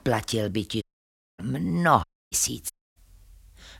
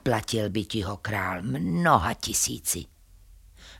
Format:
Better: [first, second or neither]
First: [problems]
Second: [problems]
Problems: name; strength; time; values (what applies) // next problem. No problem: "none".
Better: second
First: audio cutting out; at 1 s for 0.5 s, at 2 s and at 2.5 s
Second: none